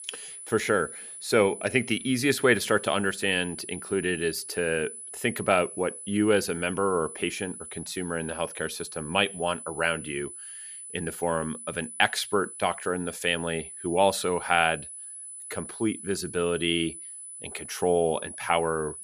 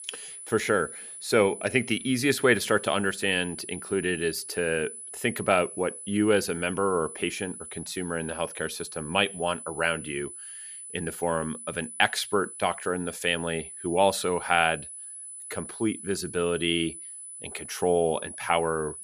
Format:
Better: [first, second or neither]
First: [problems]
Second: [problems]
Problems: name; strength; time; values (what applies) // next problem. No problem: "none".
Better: neither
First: high-pitched whine; noticeable; throughout; 10 kHz, 10 dB below the speech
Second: high-pitched whine; noticeable; throughout; 10 kHz, 10 dB below the speech